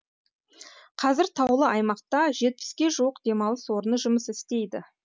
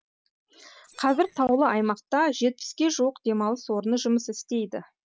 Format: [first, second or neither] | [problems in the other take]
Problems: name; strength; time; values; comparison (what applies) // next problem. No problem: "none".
first | noise reduction (neural separator model SepFormer DNS4)